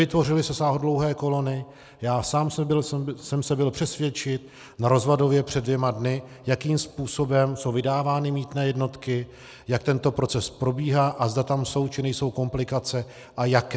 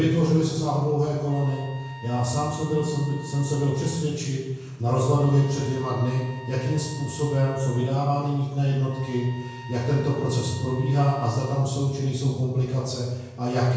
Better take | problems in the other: first | background sound (Trumpet); 19 dB below the speech // room echo; dies away in 1 s

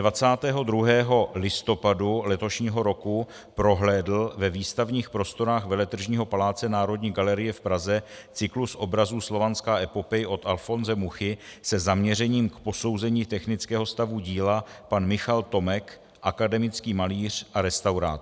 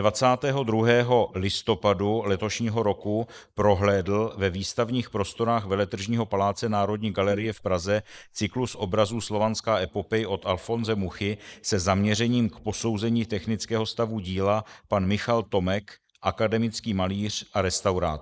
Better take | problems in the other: first | noise reduction (neural mask model Resemble Enhance denoiser)

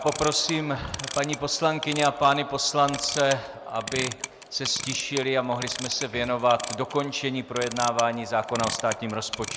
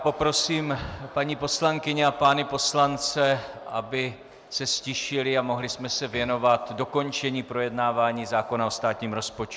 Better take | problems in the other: second | background sound (Clock); 11 dB below the speech

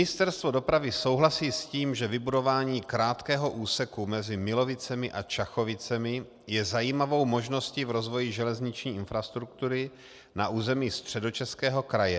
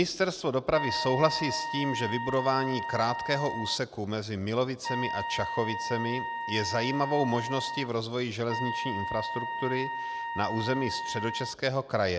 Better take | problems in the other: first | background sound (Trumpet); 5 dB below the speech

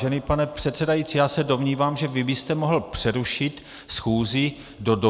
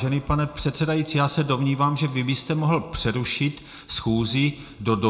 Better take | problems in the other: first | room echo; dies away in 0.4 s

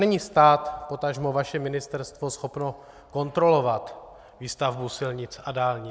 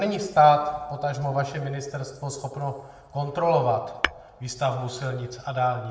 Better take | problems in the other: first | background sound (Tap / Hammer); 8 dB below the speech // room echo; dies away in 0.7 s

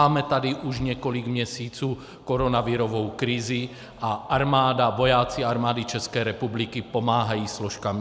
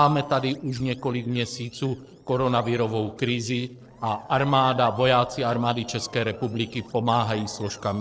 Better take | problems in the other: first | noise reduction (neural separator model SepFormer DNS4)

